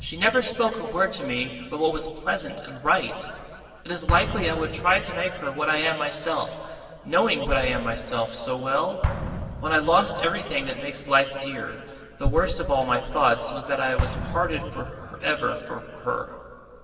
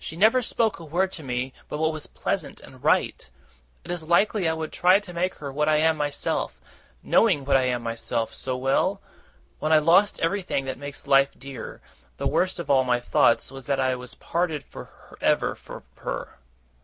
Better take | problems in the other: second | background sound (Explosion); 11 dB below the speech // room echo; dies away in 2.3 s

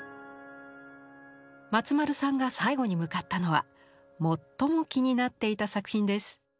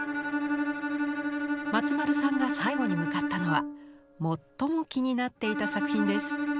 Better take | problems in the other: first | background sound (Bowed string instrument); as loud as the speech

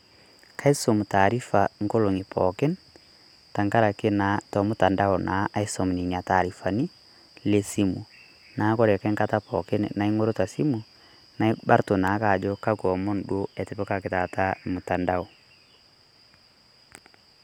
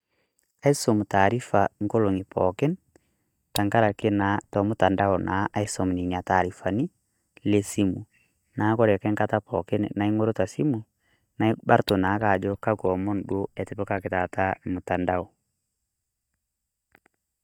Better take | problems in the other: first | noise reduction (neural mask model DeepFilterNet 3)

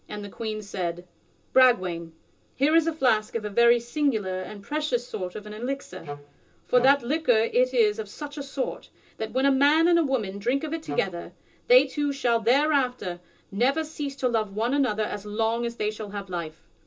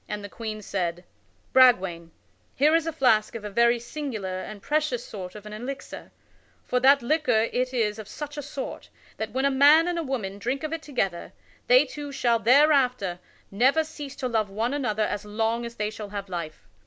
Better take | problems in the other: second | background sound (Wind instrument, woodwind instrument); 12 dB below the speech // room echo; dies away in 0.2 s

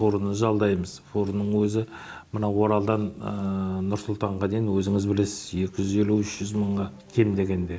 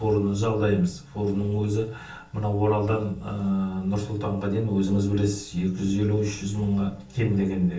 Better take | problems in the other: first | room echo; dies away in 0.4 s

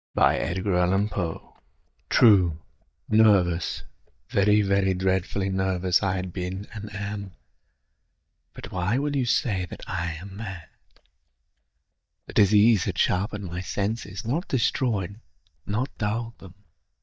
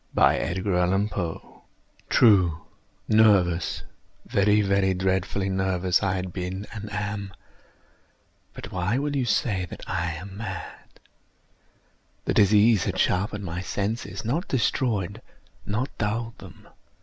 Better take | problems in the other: second | noise reduction (neural mask model DeepFilterNet 3)

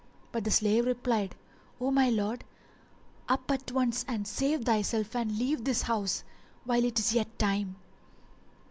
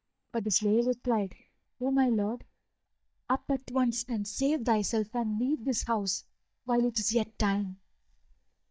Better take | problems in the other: first | noise reduction (neural mask model DeepFilterNet 3)

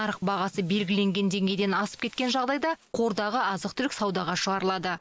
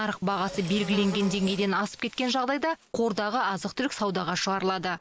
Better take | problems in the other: first | background sound (Insect); 11 dB below the speech

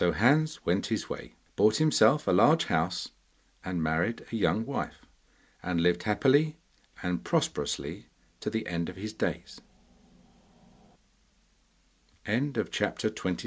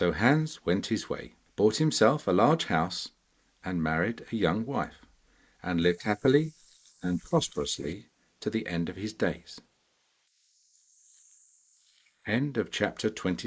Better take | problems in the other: first | noise reduction (neural mask model Resemble Enhance denoiser)

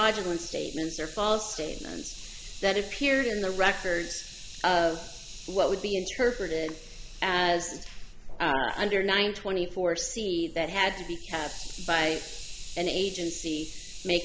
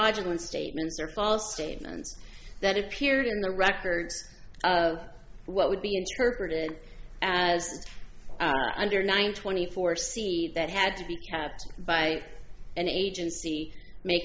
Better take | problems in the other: second | background sound (Hiss); 17 dB below the speech

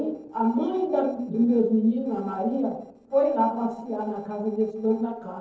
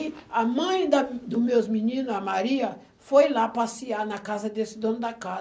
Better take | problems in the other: second | noise reduction (neural separator model SepFormer DNS4)

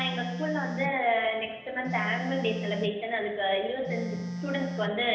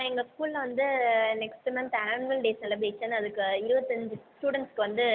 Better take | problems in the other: second | background sound (Telephone); 7 dB below the speech // room echo; dies away in 1 s

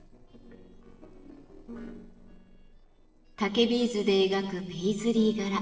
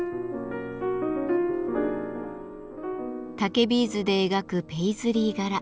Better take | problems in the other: second | noise reduction (neural separator model SepFormer DNS4)

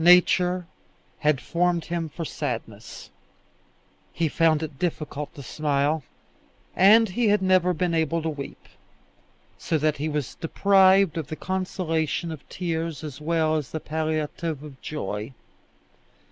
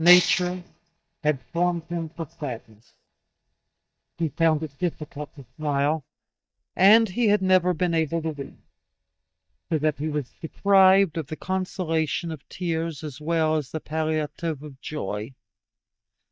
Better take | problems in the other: first | noise reduction (neural mask model DeepFilterNet 3)

